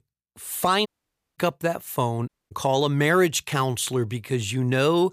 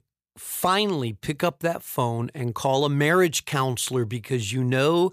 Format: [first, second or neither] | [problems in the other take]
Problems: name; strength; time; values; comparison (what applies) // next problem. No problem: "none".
second | audio cutting out; at 1 s for 0.5 s and at 2.5 s